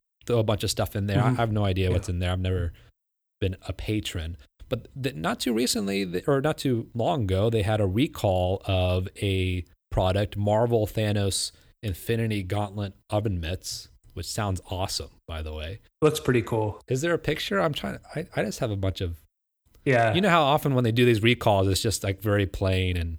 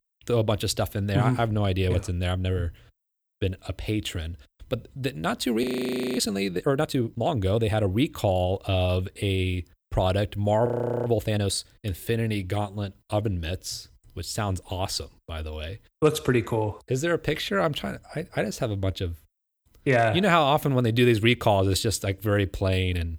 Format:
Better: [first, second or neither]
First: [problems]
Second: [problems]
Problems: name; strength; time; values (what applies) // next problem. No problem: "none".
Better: first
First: none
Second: audio freezing; at 5.5 s for 0.5 s and at 11 s